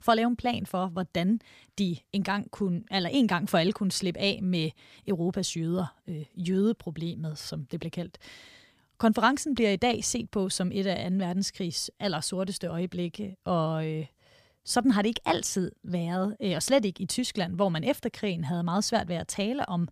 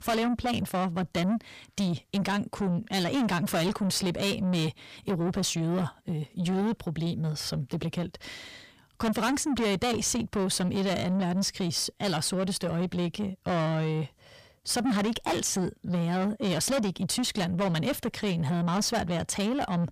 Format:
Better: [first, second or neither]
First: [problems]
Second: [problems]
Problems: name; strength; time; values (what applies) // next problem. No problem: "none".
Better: first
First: none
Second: distortion; heavy; 7 dB below the speech